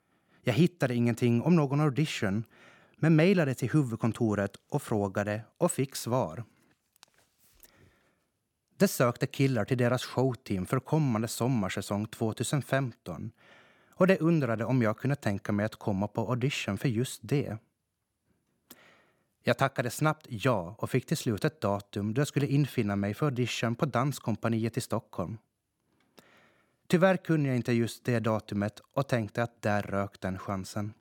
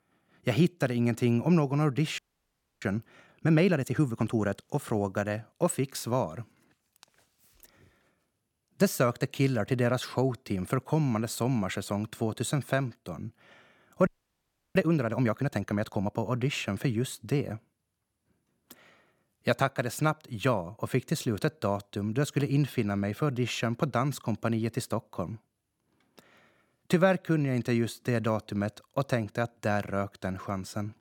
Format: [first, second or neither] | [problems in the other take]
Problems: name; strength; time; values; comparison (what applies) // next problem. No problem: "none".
first | audio freezing; at 2 s for 0.5 s and at 14 s for 0.5 s